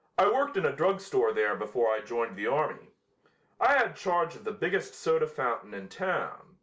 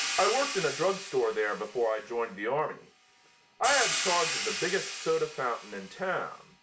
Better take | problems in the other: first | background sound (Hi-hat); 5 dB below the speech

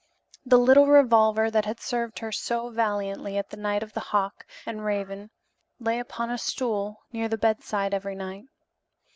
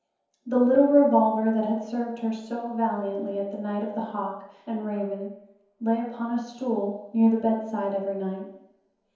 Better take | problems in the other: first | room echo; dies away in 0.9 s

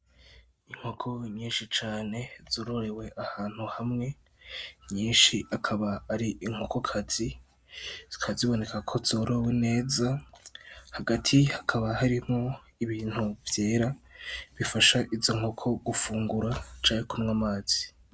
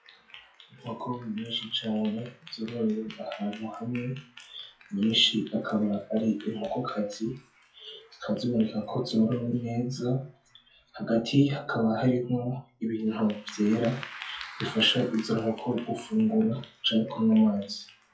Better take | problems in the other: first | noise reduction (classical method WPE with log-MMSE)

